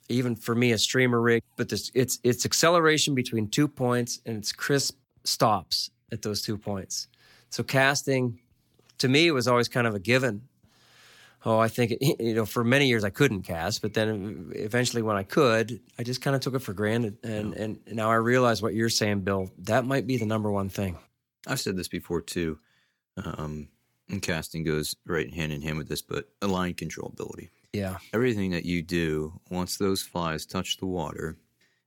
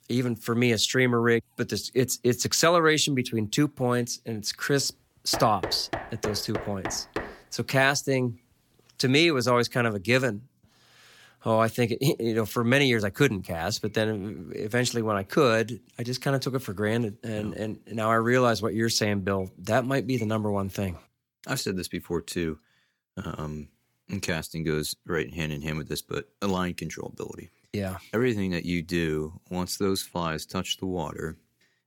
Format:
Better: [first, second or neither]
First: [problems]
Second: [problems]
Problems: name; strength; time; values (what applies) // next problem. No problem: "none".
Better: first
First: none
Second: door banging; noticeable; from 5.5 to 7.5 s; peak 7 dB below the speech